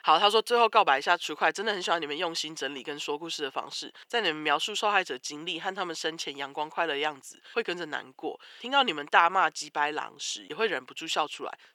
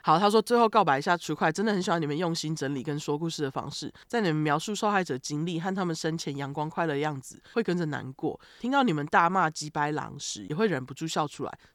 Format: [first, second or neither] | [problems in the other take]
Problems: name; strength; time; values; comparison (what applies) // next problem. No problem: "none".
second | thin; very; fading below 500 Hz